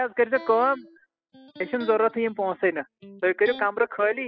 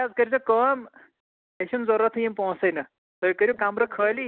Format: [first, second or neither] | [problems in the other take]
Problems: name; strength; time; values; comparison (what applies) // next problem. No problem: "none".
second | noise reduction (classical method spectral subtraction)